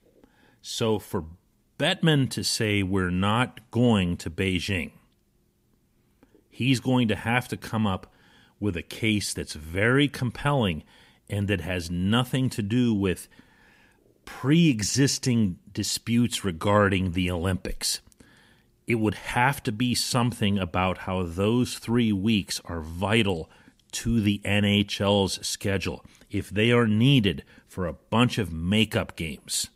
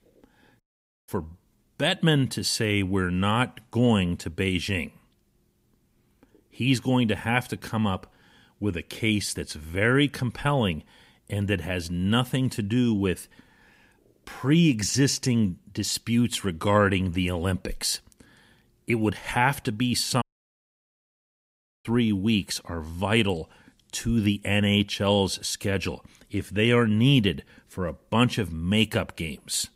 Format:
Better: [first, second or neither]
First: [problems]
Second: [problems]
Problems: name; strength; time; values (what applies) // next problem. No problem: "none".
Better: first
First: none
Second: audio cutting out; at 0.5 s and at 20 s for 1.5 s